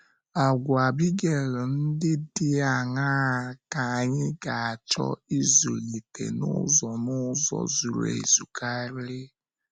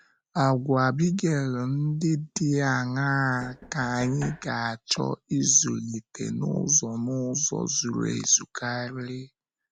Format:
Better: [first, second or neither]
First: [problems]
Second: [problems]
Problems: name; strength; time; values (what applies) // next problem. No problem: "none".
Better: first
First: none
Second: background sound (Knock); 18 dB below the speech